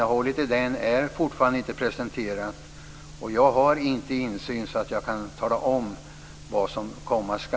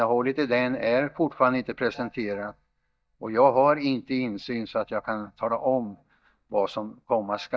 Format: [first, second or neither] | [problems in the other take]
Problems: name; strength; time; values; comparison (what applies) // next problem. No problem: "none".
first | noise reduction (neural mask model DeepFilterNet 3)